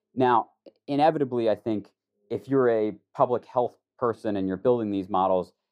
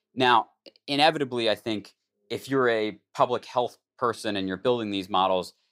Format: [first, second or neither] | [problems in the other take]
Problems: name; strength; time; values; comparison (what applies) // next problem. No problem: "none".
second | muffled; very; fading above 1.5 kHz